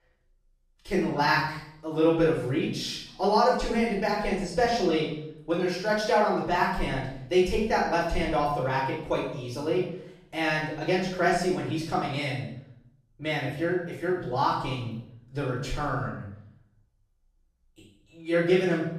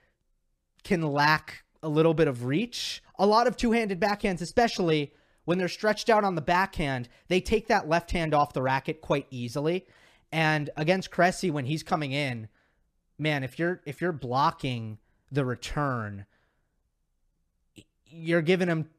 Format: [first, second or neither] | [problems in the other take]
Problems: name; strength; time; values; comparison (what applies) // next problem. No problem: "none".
second | room echo; noticeable; dies away in 0.6 s // off-mic speech; far